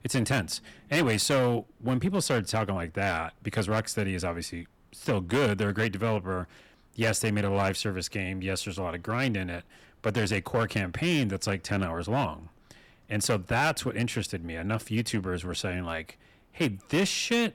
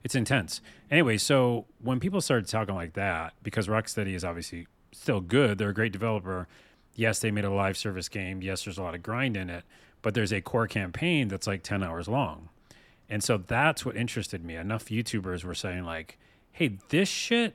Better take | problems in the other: second | distortion; slight; 5% of the sound clipped

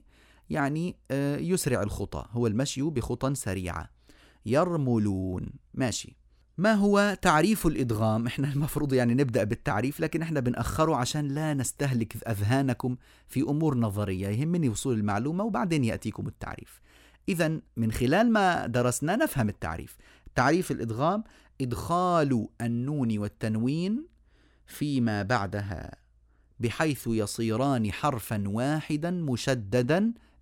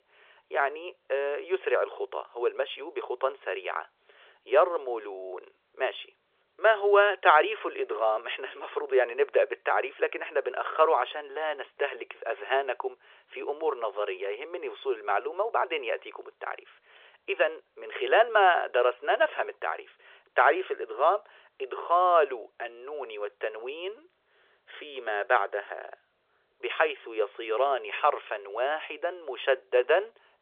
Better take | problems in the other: first | phone-call audio; nothing above 3.5 kHz

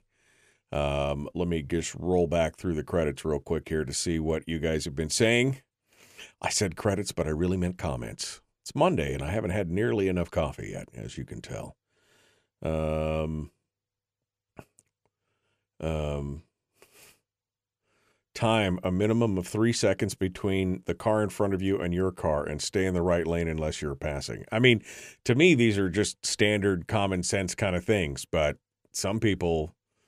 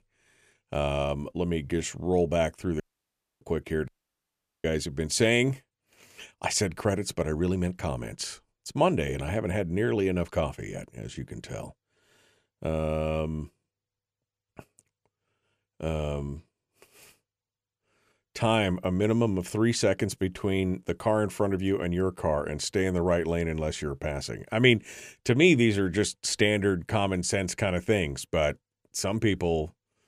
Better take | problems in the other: first | audio cutting out; at 3 s for 0.5 s and at 4 s for 1 s

